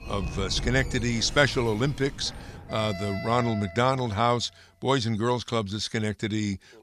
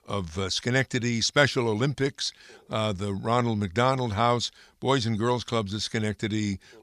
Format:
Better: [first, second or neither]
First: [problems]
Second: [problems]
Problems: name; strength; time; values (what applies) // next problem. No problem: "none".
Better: second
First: alarms or sirens; noticeable; until 3.5 s; 10 dB below the speech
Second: none